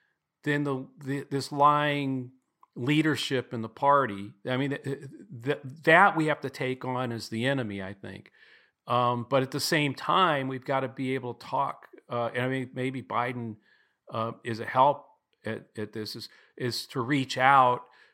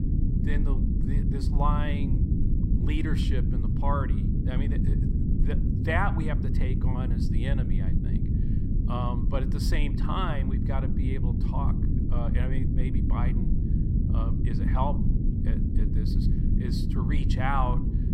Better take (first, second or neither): first